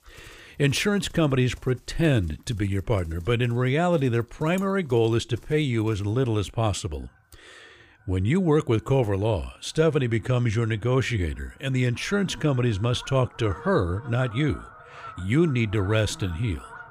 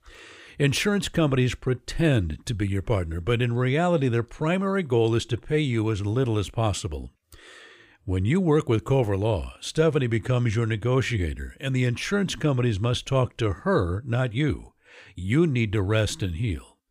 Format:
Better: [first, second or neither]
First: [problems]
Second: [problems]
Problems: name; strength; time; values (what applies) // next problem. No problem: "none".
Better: second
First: animal sounds; faint; throughout; 25 dB below the speech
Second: none